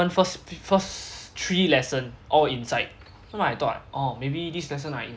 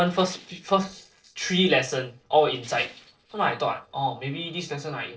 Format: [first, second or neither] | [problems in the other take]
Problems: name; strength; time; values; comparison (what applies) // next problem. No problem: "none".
first | noise reduction (neural separator model SepFormer DNS4)